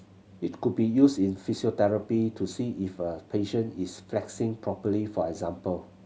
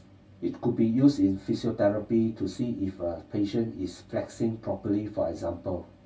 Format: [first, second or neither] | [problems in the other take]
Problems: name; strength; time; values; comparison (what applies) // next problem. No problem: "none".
first | room echo; dies away in 0.1 s